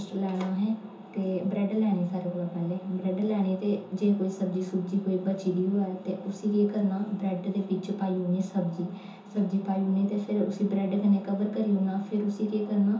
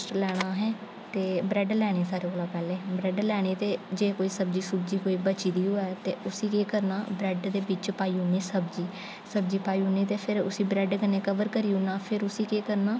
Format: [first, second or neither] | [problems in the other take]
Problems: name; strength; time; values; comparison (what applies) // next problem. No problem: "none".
second | room echo; dies away in 0.6 s